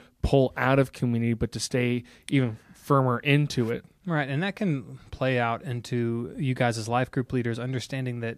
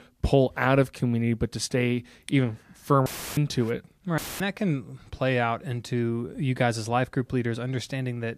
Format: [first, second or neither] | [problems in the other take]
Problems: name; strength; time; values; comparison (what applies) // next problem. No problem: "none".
first | audio cutting out; filled with static; at 3 s and at 4 s